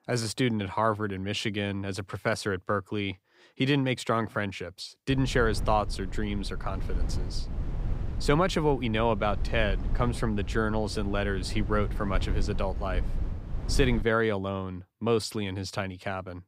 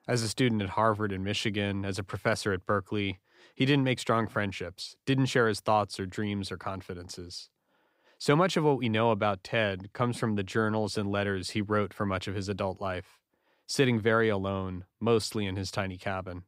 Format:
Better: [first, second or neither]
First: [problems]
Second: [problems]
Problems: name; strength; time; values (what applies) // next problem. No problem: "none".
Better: second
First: low rumble; noticeable; from 5 to 14 s; 15 dB below the speech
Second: none